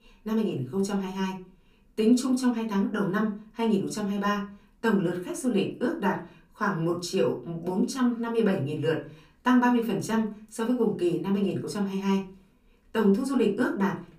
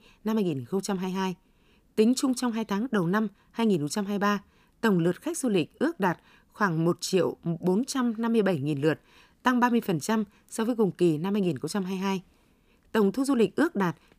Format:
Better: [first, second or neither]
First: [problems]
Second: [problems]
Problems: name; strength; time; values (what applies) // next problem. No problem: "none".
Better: second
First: off-mic speech; far // room echo; very slight; dies away in 0.3 s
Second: none